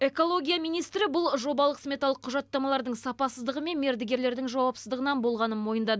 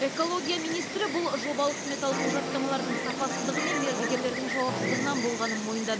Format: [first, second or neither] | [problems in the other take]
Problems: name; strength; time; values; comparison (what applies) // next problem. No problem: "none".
first | background sound (Insect + Brass instrument); 1 dB below the speech